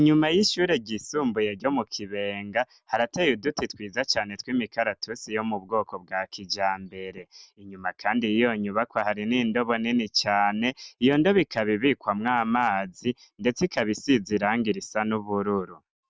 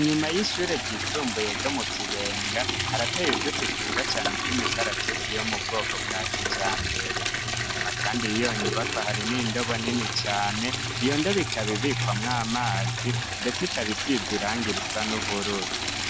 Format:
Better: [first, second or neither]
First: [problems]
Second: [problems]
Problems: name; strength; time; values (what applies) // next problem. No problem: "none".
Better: first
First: none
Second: background sound (Liquid); 2 dB above the speech